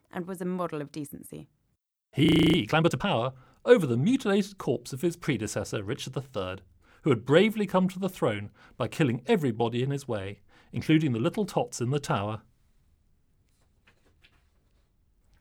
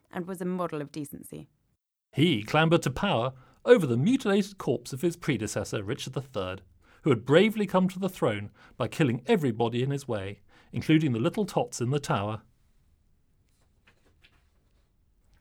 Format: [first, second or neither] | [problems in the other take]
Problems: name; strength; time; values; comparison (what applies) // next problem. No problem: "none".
second | audio freezing; at 2.5 s